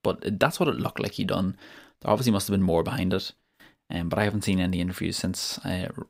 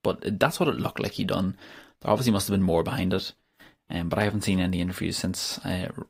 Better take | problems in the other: first | garbled, watery; slightly; nothing above 15.5 kHz

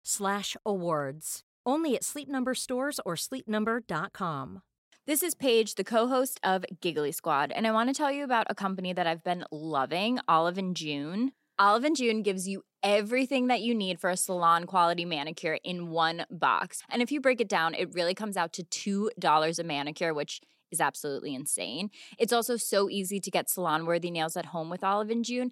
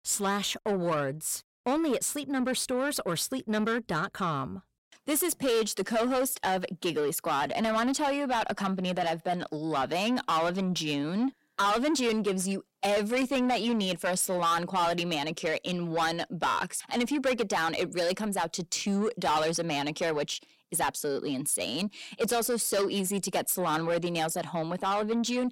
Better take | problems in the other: first | distortion; heavy; 8 dB below the speech

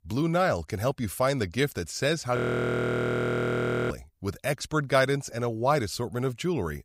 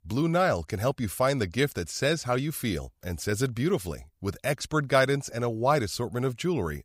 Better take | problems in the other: second | audio freezing; at 2.5 s for 1.5 s

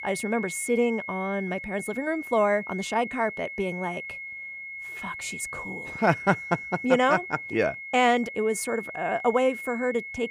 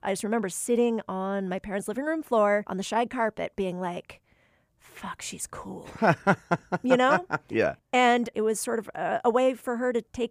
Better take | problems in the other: second | high-pitched whine; loud; throughout; 2 kHz, 9 dB below the speech

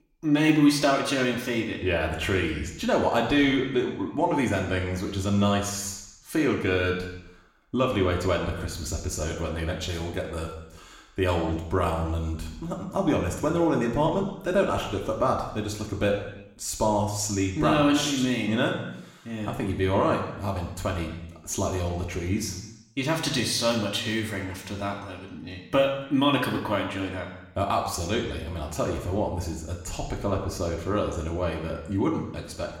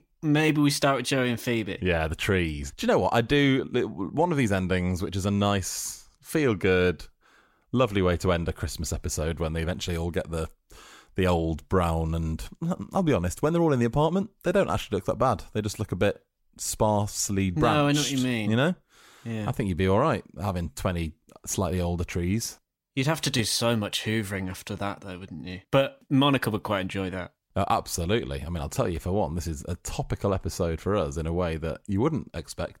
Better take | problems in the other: second | room echo; noticeable; dies away in 0.9 s // off-mic speech; somewhat distant

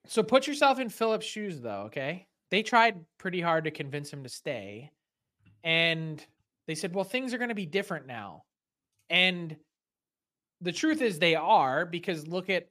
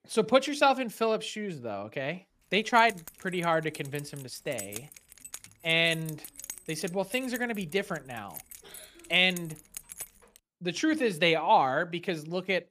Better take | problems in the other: first | jangling keys; faint; from 2.5 to 10 s; peak 10 dB below the speech

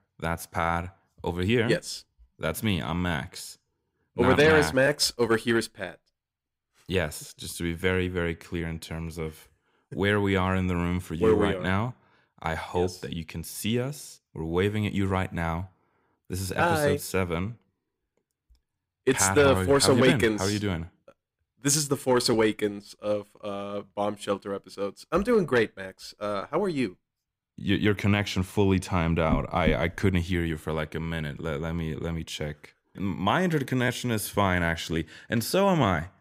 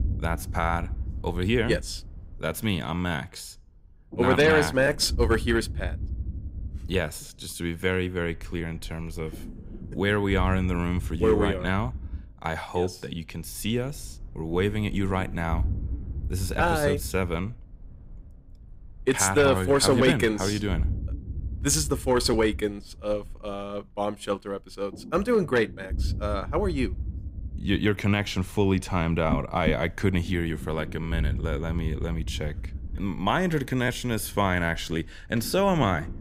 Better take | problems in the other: first | low rumble; faint; throughout; 20 dB below the speech

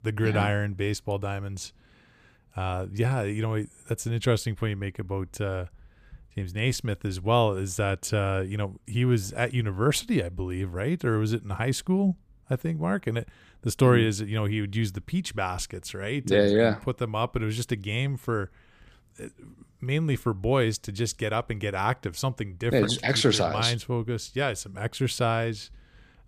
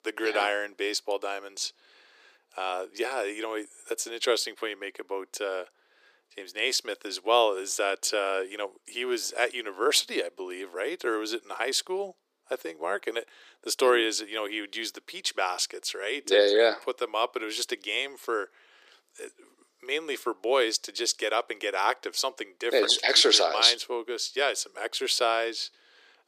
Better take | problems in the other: first | thin; very; fading below 350 Hz

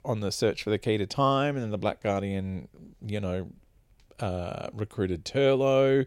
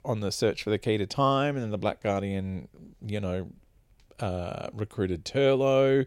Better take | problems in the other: neither | none

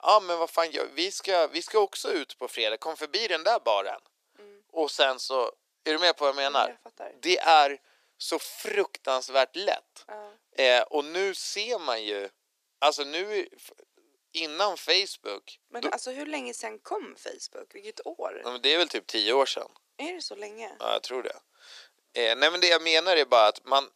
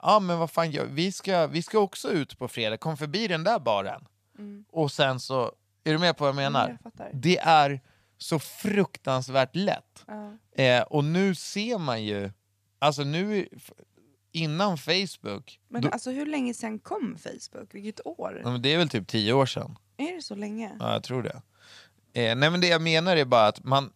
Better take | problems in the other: second | thin; very; fading below 350 Hz

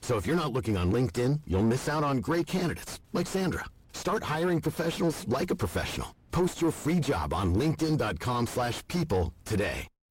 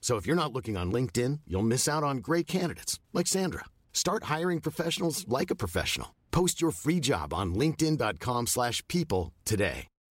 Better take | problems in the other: second | distortion; heavy; 6 dB below the speech

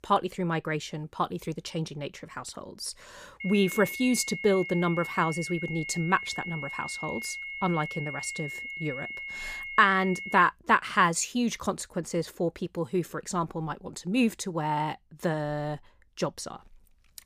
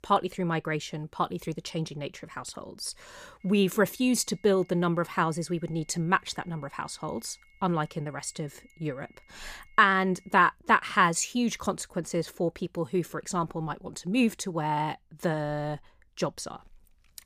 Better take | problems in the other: second | high-pitched whine; loud; from 3.5 to 10 s; 2 kHz, 7 dB below the speech; faint in the second

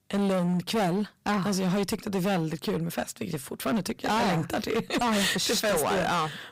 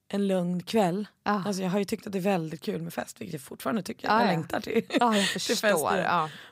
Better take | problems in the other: second | distortion; heavy; 22% of the sound clipped

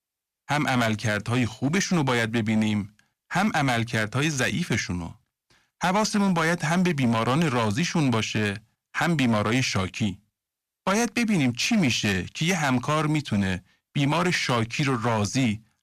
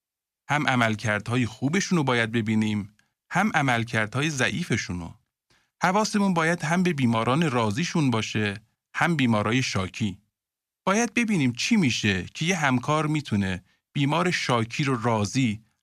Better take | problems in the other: second | distortion; slight; 11% of the sound clipped

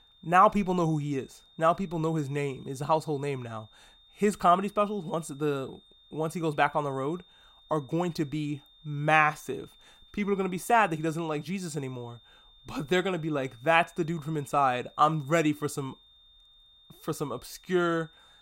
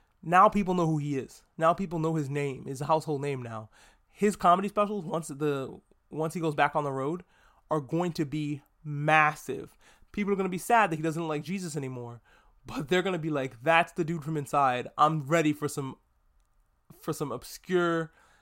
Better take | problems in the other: second | high-pitched whine; faint; throughout; 3.5 kHz, 30 dB below the speech

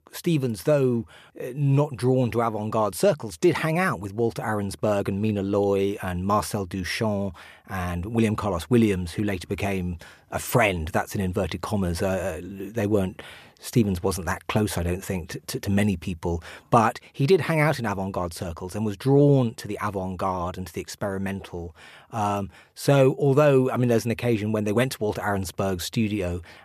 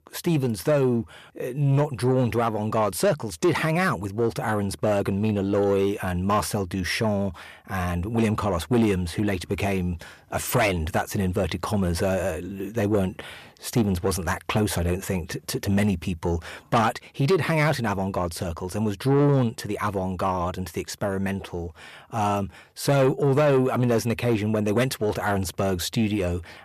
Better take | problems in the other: first | distortion; slight; 10 dB below the speech

